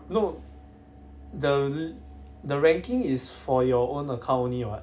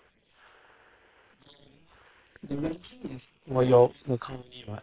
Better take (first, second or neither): first